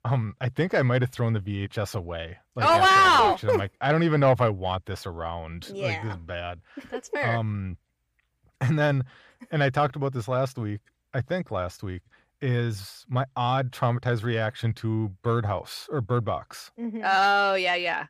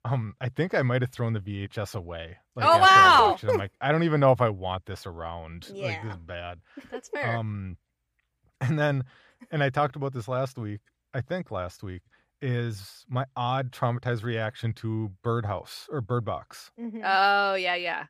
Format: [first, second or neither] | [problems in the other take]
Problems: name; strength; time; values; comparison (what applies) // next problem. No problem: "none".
second | distortion; slight; 10 dB below the speech